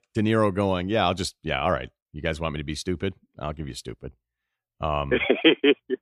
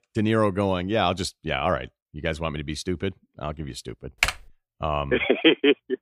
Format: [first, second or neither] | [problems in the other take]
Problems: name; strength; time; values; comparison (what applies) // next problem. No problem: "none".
first | keyboard typing; noticeable; at 4 s; peak level with the speech